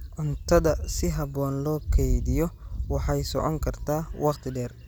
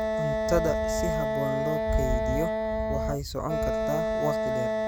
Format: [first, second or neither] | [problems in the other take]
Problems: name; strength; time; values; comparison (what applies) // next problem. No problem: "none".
first | background sound (Wind instrument, woodwind instrument); 3 dB above the speech